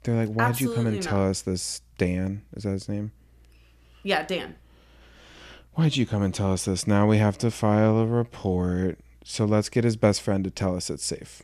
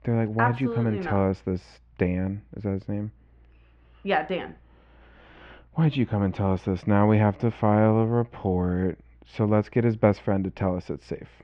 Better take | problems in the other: first | muffled; very; fading above 2.5 kHz

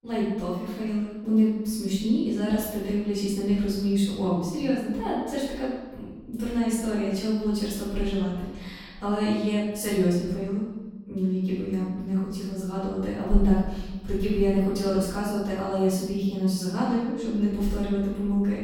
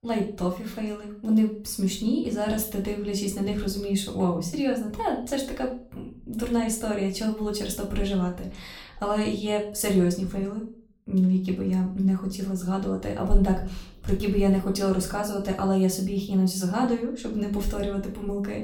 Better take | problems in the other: second | room echo; strong; dies away in 1.1 s; slight in the second // off-mic speech; far; far in the second

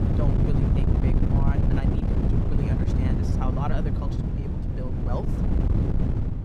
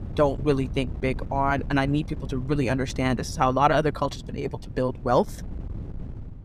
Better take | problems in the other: second | wind noise on the microphone; heavy; 4 dB above the speech; occasional gusts in the second

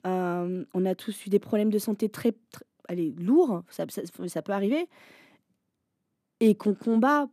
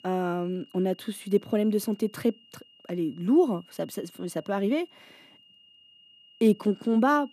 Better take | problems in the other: first | high-pitched whine; faint; throughout; 3 kHz, 25 dB below the speech

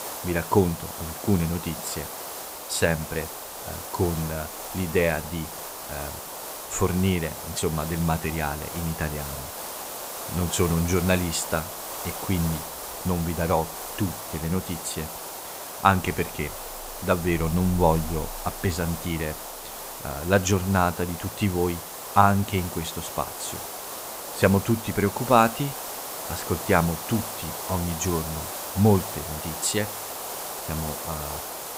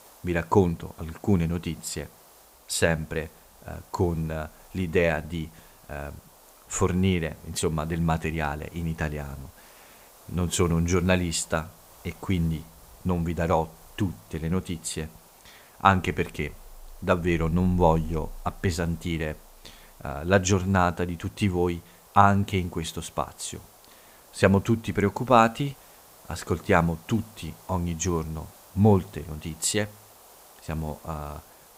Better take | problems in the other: second | hiss; loud; throughout; 7 dB below the speech; faint in the second

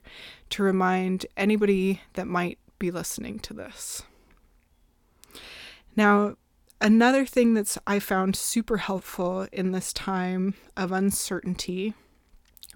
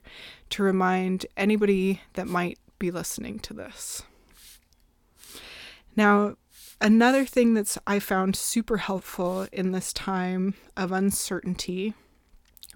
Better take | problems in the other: first | hiss; faint; from 2.5 to 10 s; 25 dB below the speech

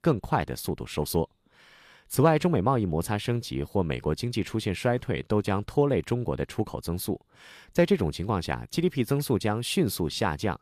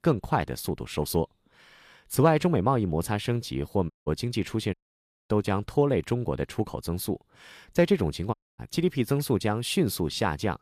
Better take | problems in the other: first | audio cutting out; at 4 s, at 4.5 s for 0.5 s and at 8.5 s

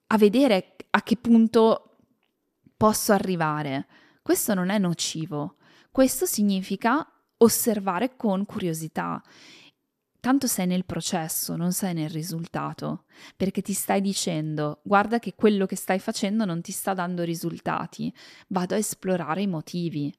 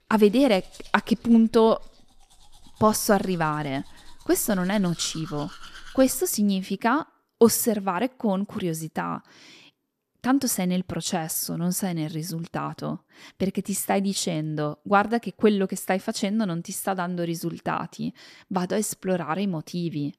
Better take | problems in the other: first | household noises; faint; until 6 s; 25 dB below the speech

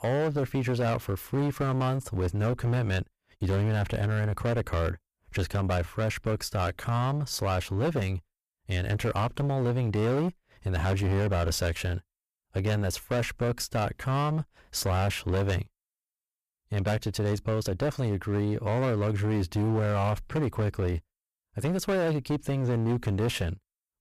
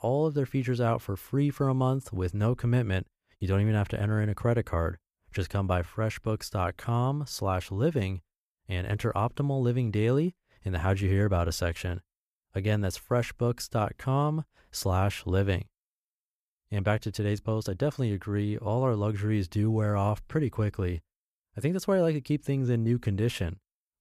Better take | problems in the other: second | distortion; heavy; 21% of the sound clipped

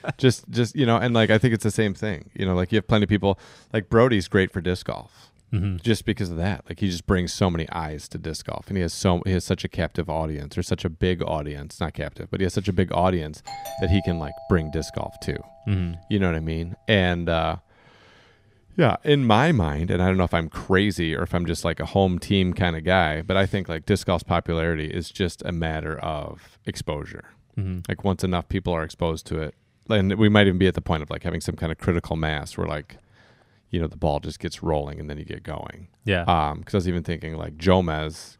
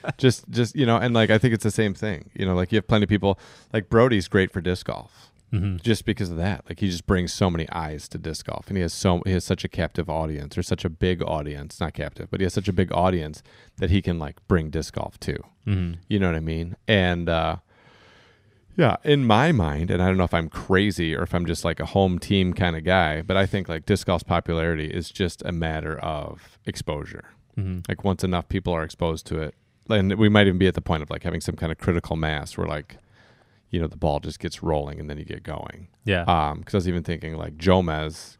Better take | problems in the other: second | doorbell; faint; from 13 to 16 s; peak 10 dB below the speech

